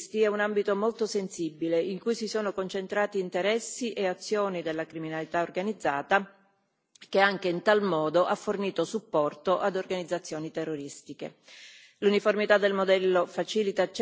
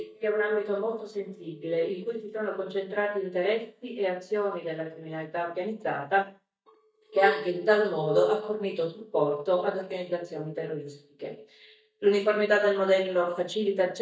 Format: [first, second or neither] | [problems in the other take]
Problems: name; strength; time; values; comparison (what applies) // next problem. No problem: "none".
first | noise reduction (neural mask model DeepFilterNet 3)